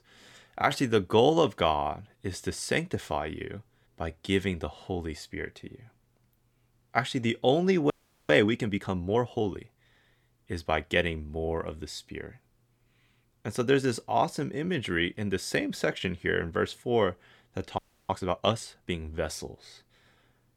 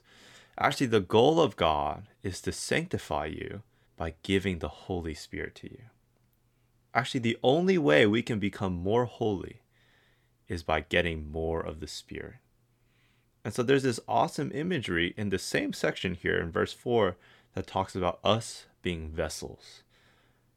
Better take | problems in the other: second | audio freezing; at 8 s and at 18 s

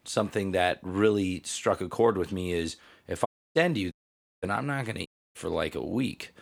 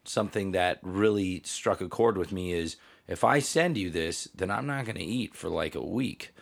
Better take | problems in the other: second | audio cutting out; at 3.5 s, at 4 s for 0.5 s and at 5 s

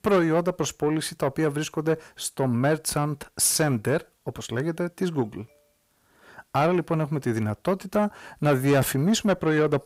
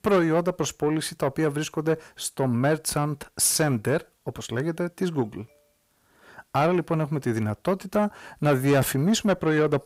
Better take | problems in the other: neither | distortion; slight; 10 dB below the speech; the same in both

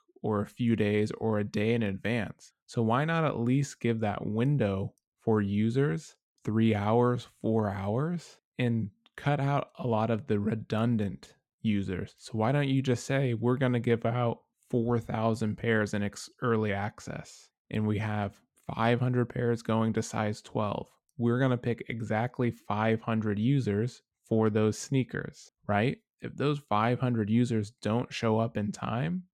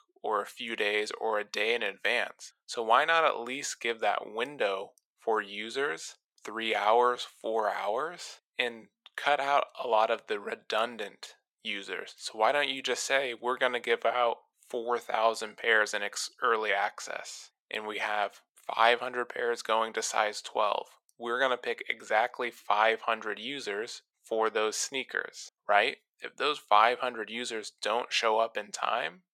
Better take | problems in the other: first | thin; very; fading below 600 Hz

